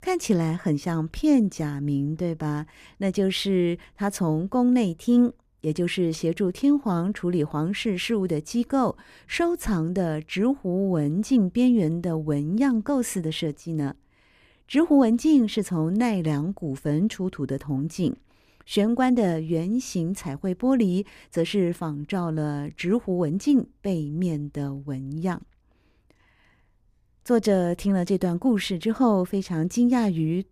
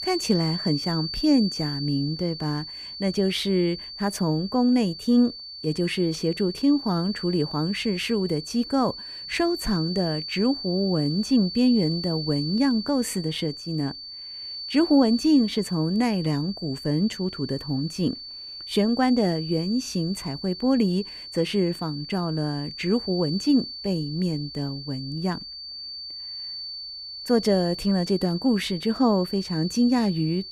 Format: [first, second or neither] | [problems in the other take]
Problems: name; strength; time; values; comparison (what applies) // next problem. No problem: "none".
first | high-pitched whine; loud; throughout; 4.5 kHz, 9 dB below the speech